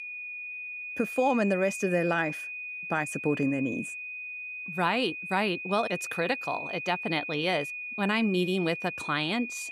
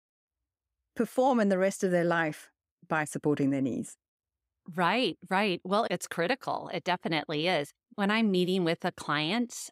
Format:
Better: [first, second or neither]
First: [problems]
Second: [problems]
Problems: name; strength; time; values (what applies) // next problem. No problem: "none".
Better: second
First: high-pitched whine; loud; throughout; 2.5 kHz, 6 dB below the speech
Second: none